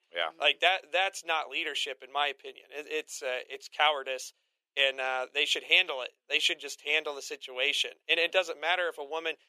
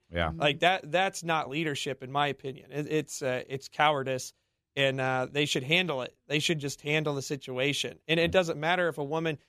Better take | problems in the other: second | thin; very; fading below 450 Hz

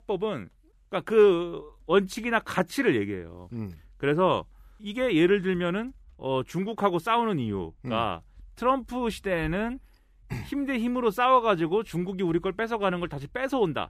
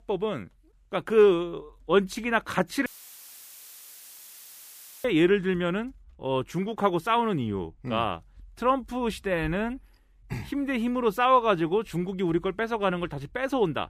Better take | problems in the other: first | audio cutting out; filled with static; at 3 s for 2 s

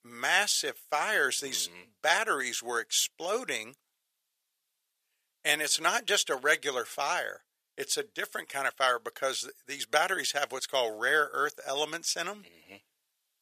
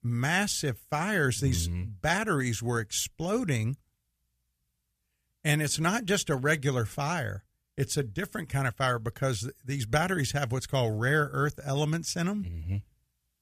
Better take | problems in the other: second | thin; very; fading below 450 Hz

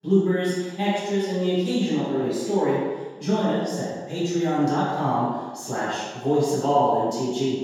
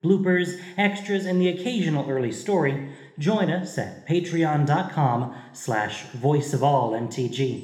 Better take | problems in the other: second | room echo; strong; dies away in 1.2 s; slight in the second // off-mic speech; far

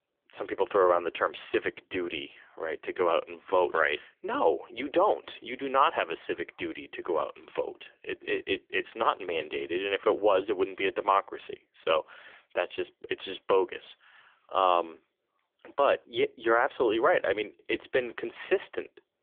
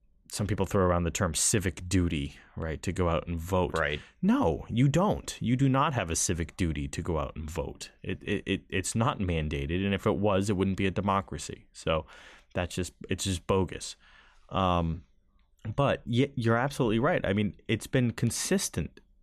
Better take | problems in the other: second | phone-call audio; poor line; nothing above 3.5 kHz

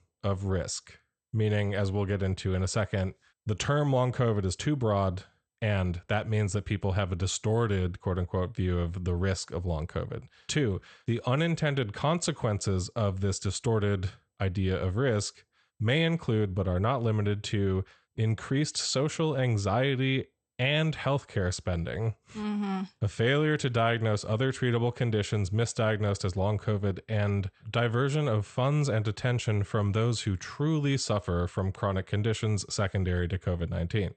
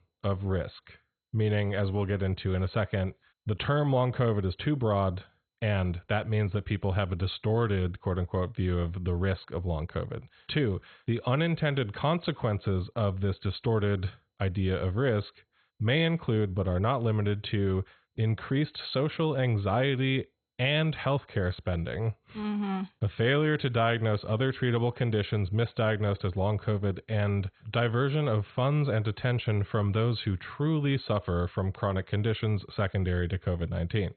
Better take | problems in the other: first | garbled, watery; badly; nothing above 4 kHz; slightly in the first

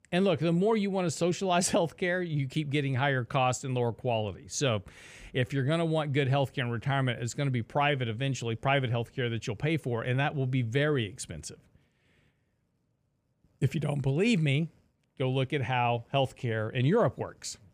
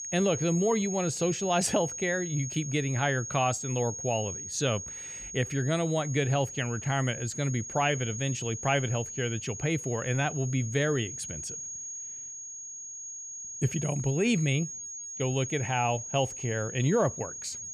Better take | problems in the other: first | high-pitched whine; loud; throughout; 6.5 kHz, 7 dB below the speech

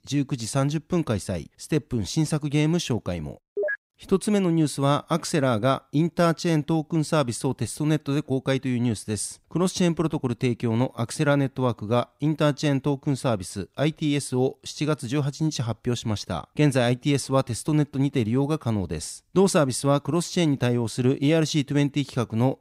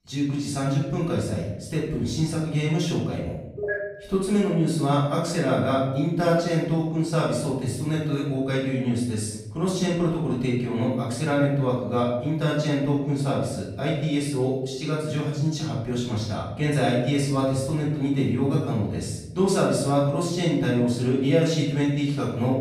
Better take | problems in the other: first | room echo; noticeable; dies away in 0.8 s // off-mic speech; far

